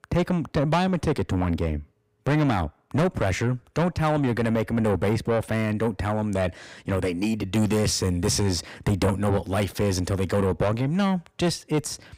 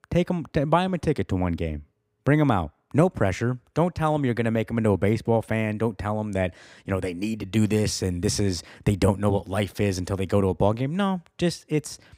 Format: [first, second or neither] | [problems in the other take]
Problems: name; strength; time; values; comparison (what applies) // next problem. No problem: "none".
second | distortion; heavy; 7 dB below the speech